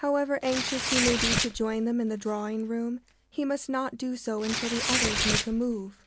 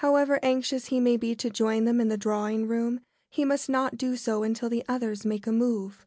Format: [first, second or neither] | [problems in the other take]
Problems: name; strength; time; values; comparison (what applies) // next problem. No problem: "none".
second | background sound (Tearing); 3 dB below the speech